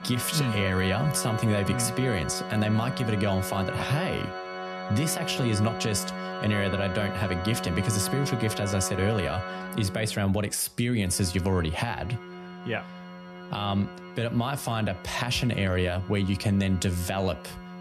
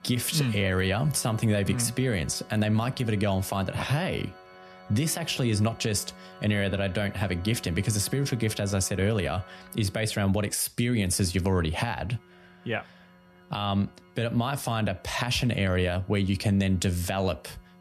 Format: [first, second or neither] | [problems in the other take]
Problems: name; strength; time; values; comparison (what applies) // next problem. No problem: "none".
second | background music; loud; throughout; 8 dB below the speech; faint in the second